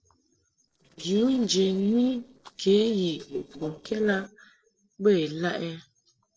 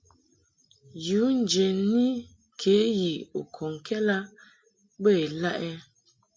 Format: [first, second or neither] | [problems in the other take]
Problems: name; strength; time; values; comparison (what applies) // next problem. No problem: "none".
second | noise reduction (neural separator model SepFormer DNS4)